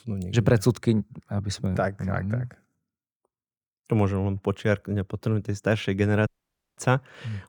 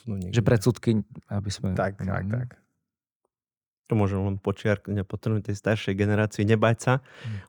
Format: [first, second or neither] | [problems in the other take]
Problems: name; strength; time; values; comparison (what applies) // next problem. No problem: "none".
second | audio cutting out; at 6.5 s for 0.5 s